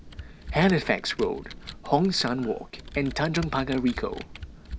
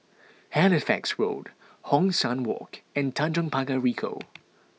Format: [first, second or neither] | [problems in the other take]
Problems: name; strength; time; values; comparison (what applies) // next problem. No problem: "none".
second | background sound (Computer keyboard); 13 dB below the speech